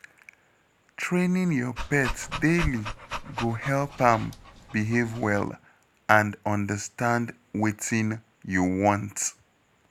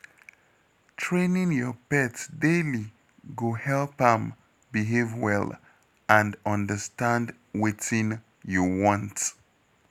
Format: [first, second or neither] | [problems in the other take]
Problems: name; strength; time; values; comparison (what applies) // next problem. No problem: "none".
second | background sound (Dog); 9 dB below the speech